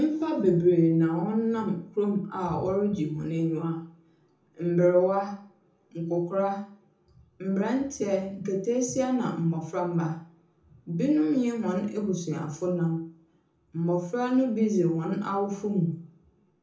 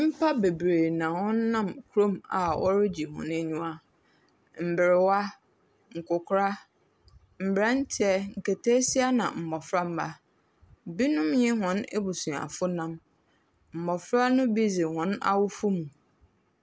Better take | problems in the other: second | room echo; dies away in 0.6 s

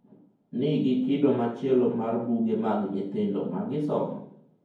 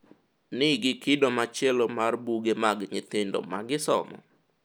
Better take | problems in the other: second | room echo; dies away in 0.9 s

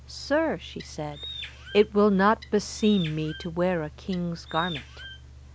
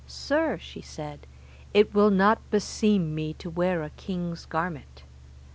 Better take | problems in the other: second | background sound (Bird); 16 dB below the speech

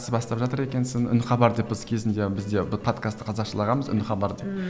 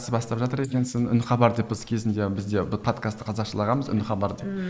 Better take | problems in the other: first | noise reduction (neural mask model Resemble Enhance denoiser)

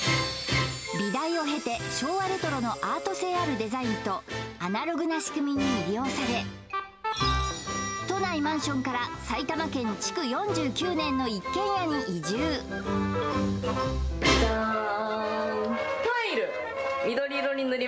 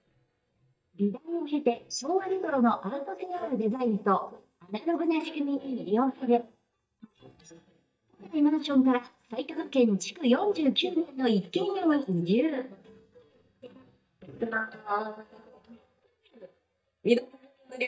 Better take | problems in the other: first | noise reduction (neural mask model DeepFilterNet 3)

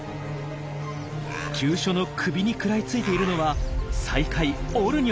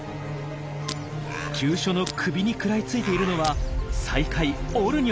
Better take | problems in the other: first | background sound (Shatter); 18 dB below the speech

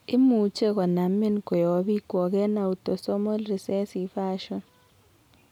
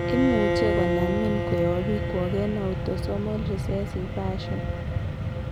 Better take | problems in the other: first | background sound (Mechanisms + Bowed string instrument); 1 dB above the speech

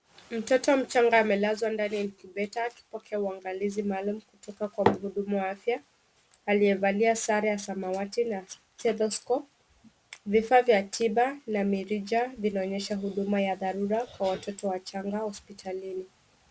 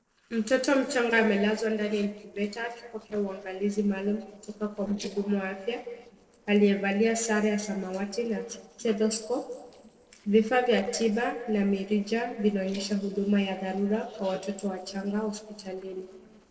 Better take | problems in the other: first | noise reduction (neural separator model SepFormer DNS4)

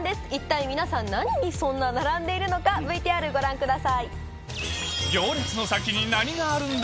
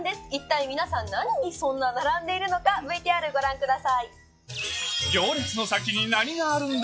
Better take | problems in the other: first | noise reduction (classical method log-MMSE)

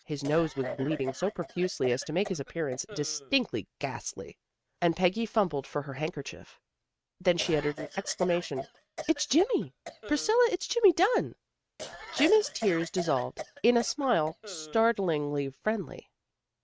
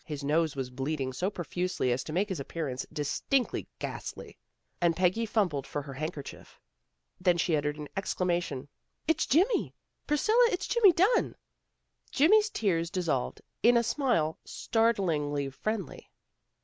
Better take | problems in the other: second | noise reduction (neural mask model RNNoise)

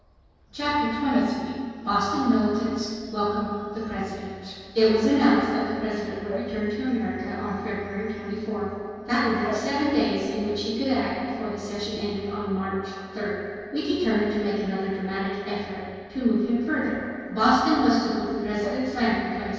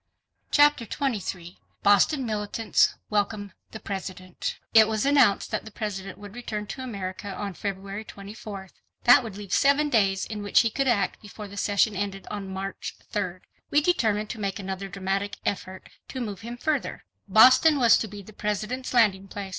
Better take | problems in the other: second | background sound (Bark / Bird vocalization, bird call, bird song); 19 dB below the speech // room echo; dies away in 2.2 s

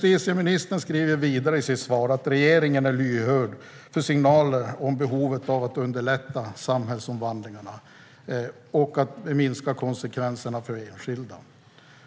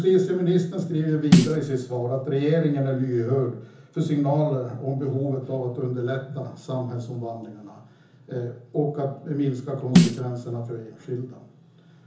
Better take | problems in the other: first | background sound (Snare drum); 3 dB above the speech // room echo; dies away in 0.6 s

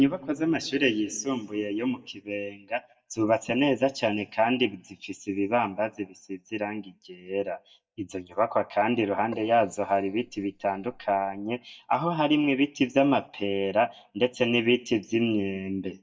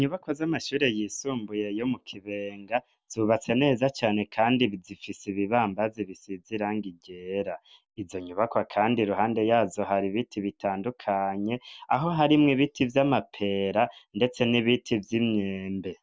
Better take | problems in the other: second | noise reduction (neural mask model DeepFilterNet 3)

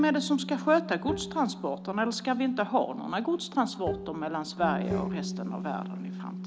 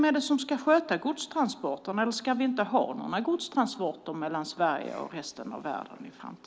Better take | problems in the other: second | background sound (Bowed string instrument + Bass guitar); 7 dB below the speech

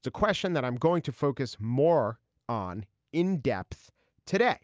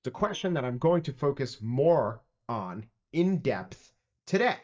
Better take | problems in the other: first | noise reduction (neural mask model DeepFilterNet 3)

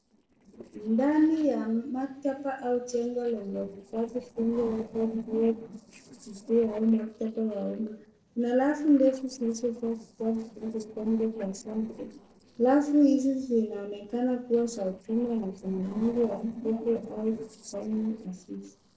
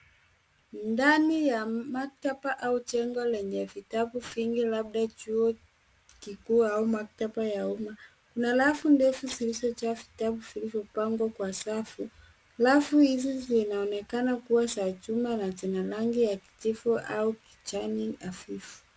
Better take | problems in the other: second | noise reduction (neural separator model SepFormer DNS4)

